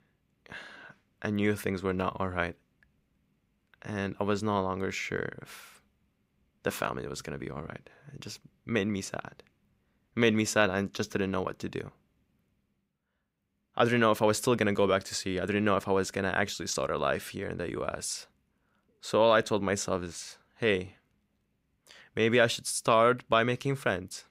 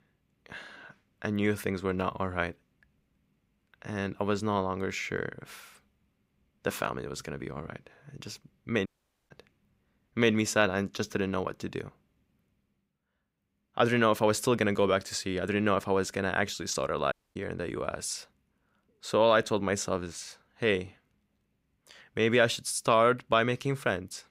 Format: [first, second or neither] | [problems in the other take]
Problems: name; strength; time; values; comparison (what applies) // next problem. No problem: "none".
first | audio cutting out; at 9 s and at 17 s